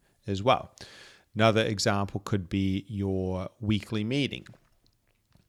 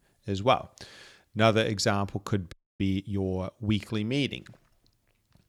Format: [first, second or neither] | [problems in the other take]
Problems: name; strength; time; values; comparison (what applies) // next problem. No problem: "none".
first | audio freezing; at 2.5 s